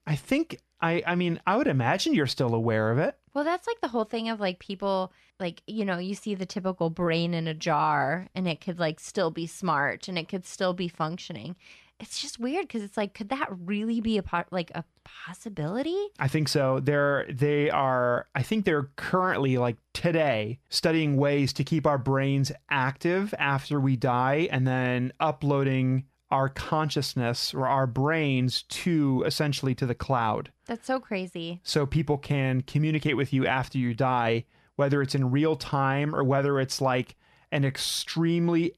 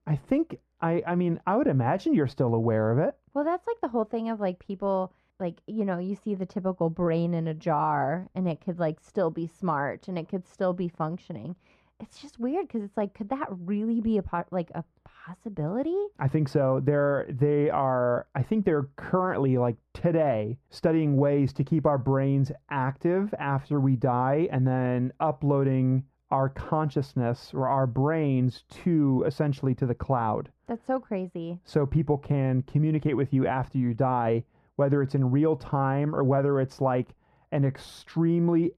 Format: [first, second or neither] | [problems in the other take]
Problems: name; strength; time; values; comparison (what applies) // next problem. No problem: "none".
first | muffled; very; fading above 2 kHz